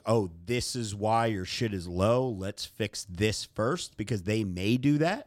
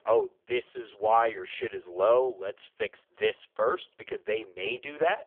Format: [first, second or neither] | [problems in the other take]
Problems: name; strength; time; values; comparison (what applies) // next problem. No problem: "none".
first | phone-call audio; poor line; nothing above 3 kHz